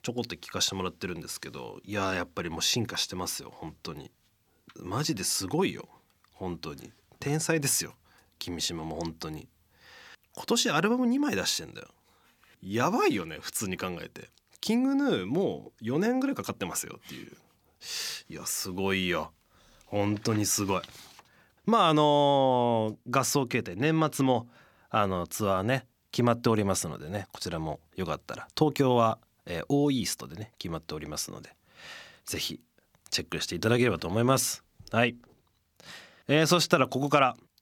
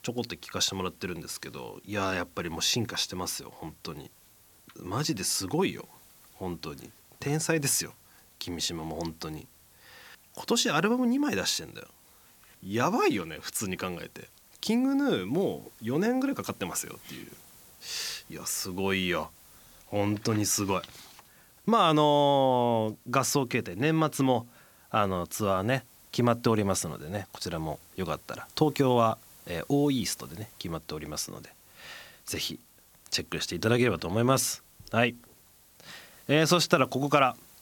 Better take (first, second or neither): first